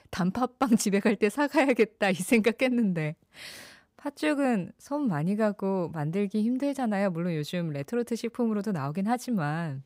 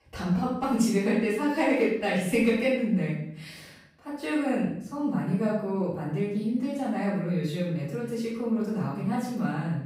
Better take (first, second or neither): first